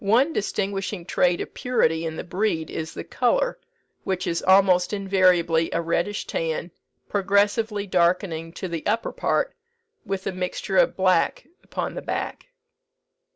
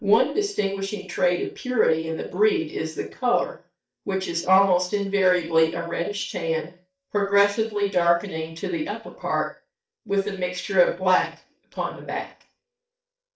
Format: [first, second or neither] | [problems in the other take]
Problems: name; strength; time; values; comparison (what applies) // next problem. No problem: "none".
first | noise reduction (neural mask model DeepFilterNet 3)